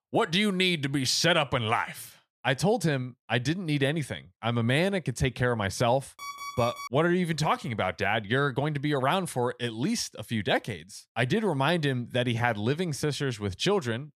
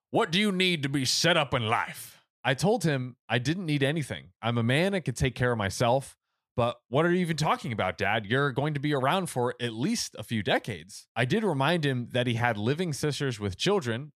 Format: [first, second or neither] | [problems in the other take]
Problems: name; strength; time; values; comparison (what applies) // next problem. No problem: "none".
second | alarm; noticeable; at 6 s; peak 10 dB below the speech